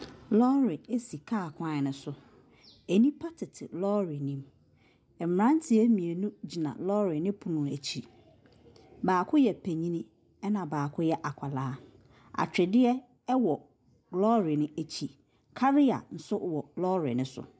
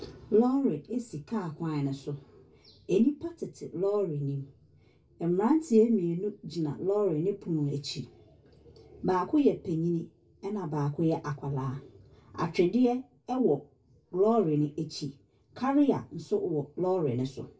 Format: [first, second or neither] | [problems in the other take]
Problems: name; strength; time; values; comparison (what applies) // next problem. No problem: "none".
first | room echo; dies away in 0.2 s